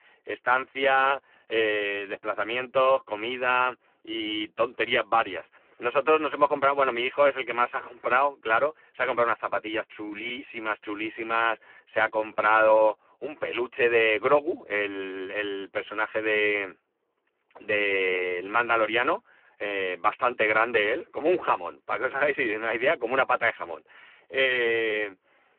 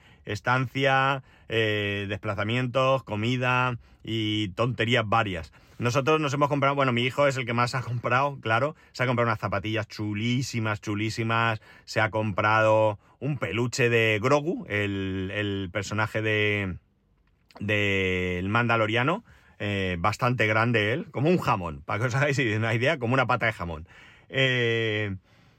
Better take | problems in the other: second | phone-call audio; poor line

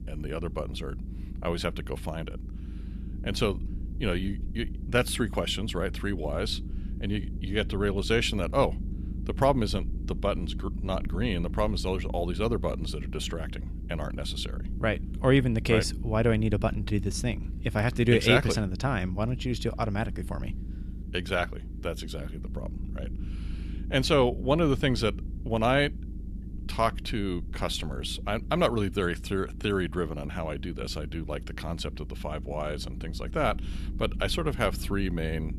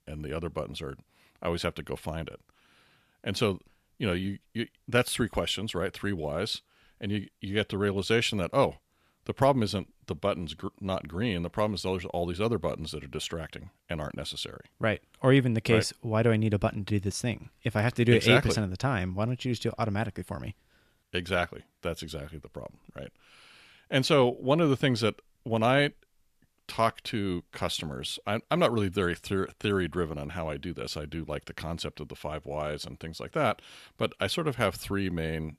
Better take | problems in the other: second | low rumble; noticeable; throughout; 20 dB below the speech

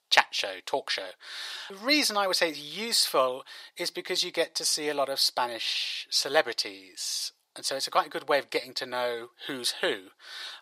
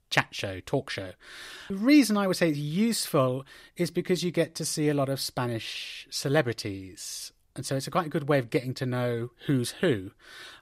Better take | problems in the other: second | thin; very; fading below 650 Hz

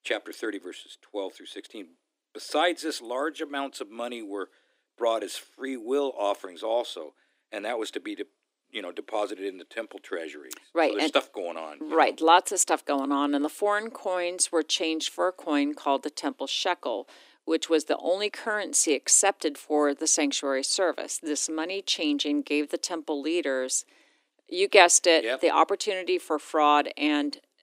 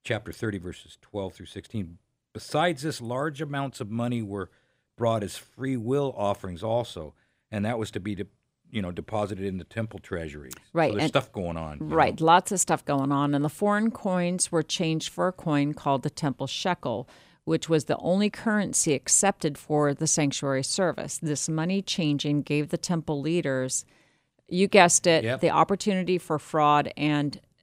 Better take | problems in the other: second | thin; very slightly; fading below 300 Hz

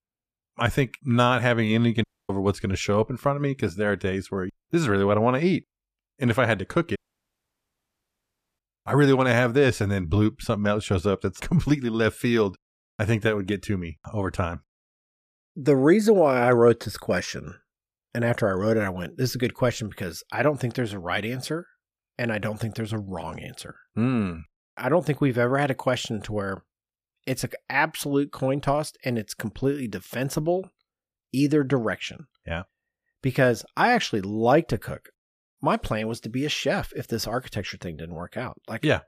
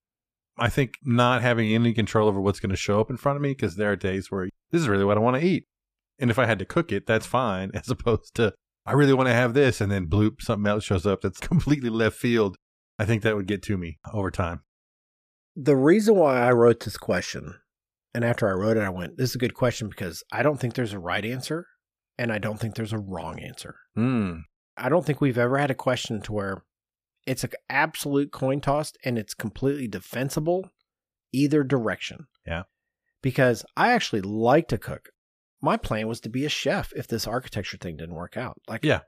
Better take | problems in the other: second | audio cutting out; at 2 s and at 7 s for 1.5 s

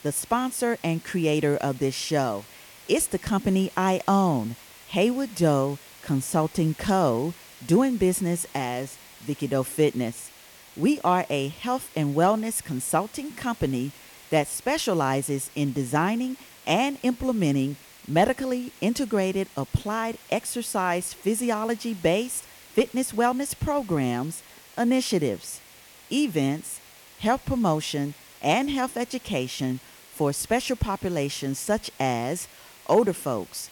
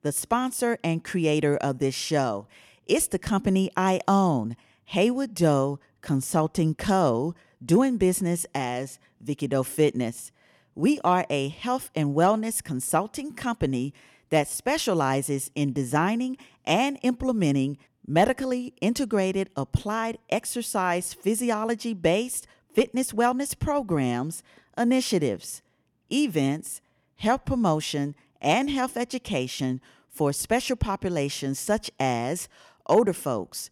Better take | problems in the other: second | hiss; faint; throughout; 20 dB below the speech

